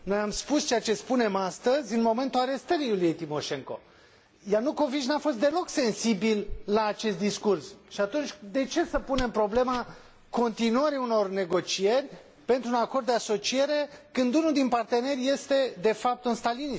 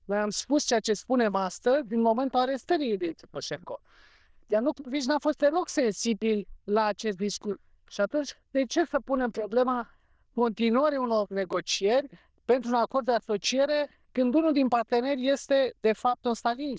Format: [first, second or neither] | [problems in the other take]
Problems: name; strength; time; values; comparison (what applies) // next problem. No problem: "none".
first | noise reduction (neural diffusion model UNIVERSE++)